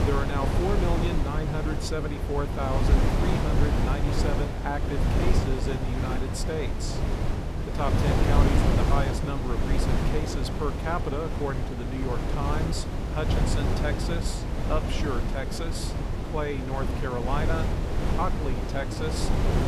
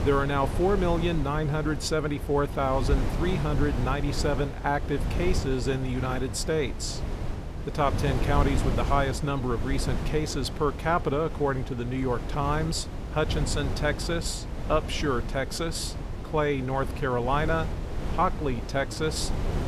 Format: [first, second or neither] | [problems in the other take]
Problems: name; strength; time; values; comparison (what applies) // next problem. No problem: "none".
second | wind noise on the microphone; heavy; as loud as the speech; occasional gusts in the second